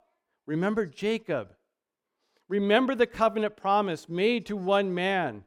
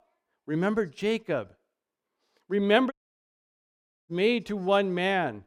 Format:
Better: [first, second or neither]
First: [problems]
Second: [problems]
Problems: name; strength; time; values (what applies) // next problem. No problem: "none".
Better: first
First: none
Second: audio cutting out; at 3 s for 1 s